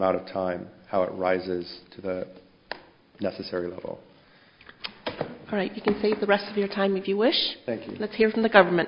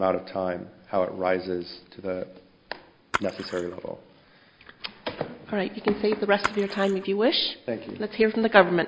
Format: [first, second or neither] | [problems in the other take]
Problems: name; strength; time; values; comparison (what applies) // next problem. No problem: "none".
first | background sound (Splash, splatter); 11 dB below the speech